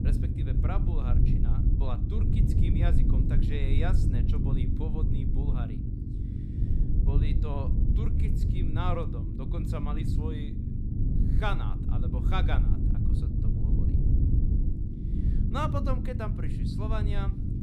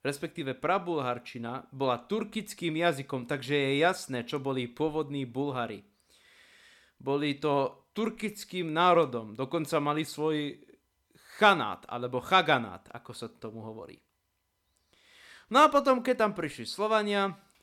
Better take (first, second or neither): second